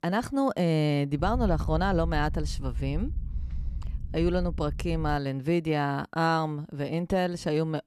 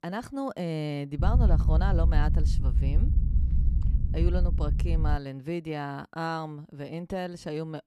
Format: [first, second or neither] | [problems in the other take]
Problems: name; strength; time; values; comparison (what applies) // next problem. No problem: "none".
first | low rumble; loud; from 1 to 5 s; 8 dB below the speech; faint in the first